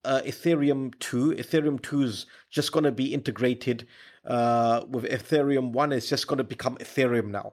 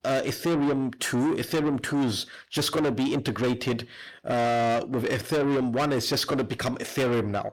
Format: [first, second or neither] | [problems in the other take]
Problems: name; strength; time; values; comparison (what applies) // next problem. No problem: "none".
first | distortion; heavy; 7 dB below the speech